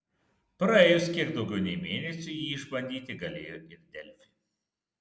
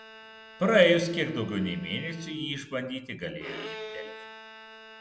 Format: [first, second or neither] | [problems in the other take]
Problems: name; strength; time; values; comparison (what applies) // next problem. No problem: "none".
first | background sound (Bowed string instrument); 16 dB below the speech